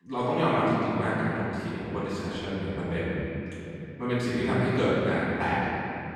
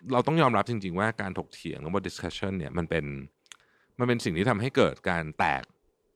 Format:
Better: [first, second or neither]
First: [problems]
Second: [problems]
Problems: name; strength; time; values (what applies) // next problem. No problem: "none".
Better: second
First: off-mic speech; far // room echo; strong; dies away in 3 s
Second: none